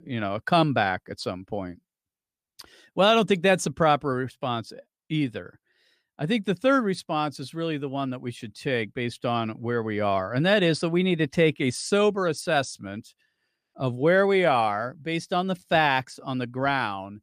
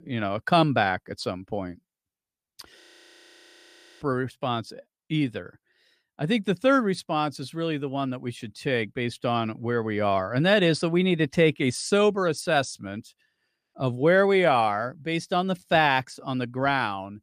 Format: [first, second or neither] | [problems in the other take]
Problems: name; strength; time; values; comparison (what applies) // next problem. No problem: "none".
first | audio freezing; at 3 s for 1 s